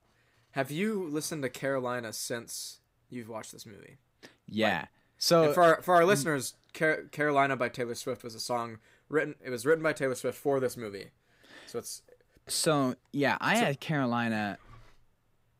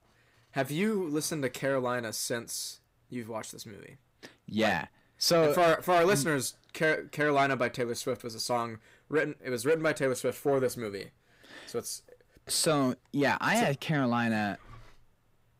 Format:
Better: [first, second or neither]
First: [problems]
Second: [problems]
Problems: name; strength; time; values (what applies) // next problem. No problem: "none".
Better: first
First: none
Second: distortion; slight; 10 dB below the speech